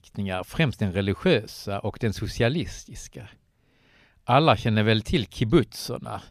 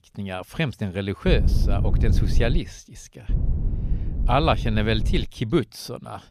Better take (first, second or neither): first